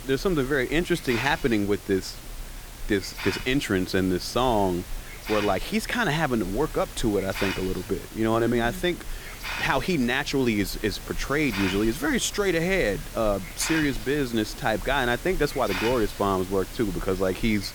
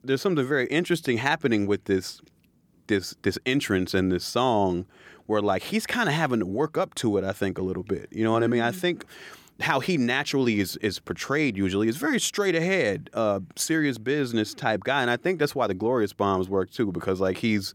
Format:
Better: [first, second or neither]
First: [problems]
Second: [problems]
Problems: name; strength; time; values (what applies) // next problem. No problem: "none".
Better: second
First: hiss; noticeable; throughout; 10 dB below the speech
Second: none